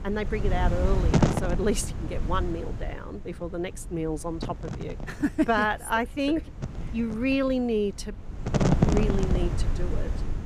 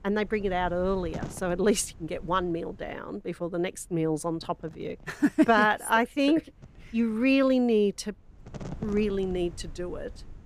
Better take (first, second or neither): second